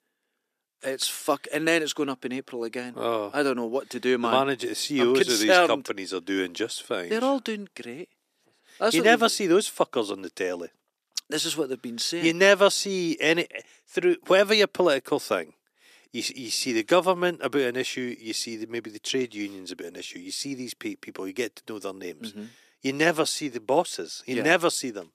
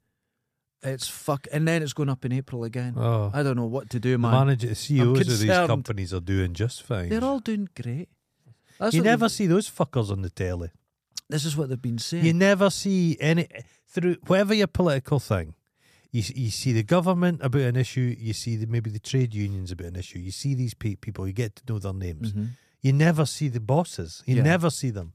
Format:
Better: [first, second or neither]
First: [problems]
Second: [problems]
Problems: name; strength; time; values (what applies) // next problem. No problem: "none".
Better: second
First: thin; somewhat; fading below 300 Hz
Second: none